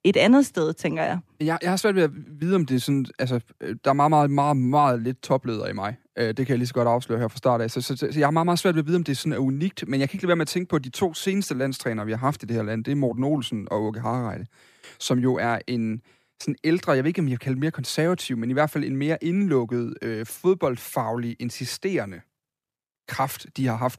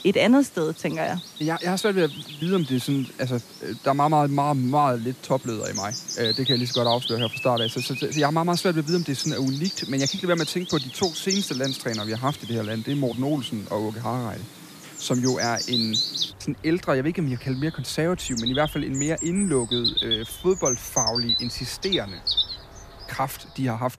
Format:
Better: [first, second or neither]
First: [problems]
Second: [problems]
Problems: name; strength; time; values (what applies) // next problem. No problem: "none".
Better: first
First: none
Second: animal sounds; loud; throughout; 2 dB below the speech